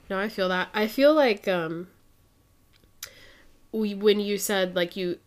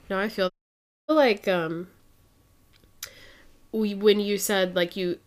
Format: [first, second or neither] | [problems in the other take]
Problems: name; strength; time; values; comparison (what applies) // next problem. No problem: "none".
first | audio cutting out; at 0.5 s for 0.5 s